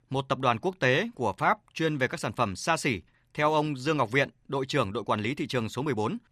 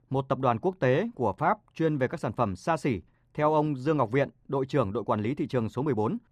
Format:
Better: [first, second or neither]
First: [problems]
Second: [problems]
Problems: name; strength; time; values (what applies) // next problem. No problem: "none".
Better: first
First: none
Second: muffled; slightly; fading above 1.5 kHz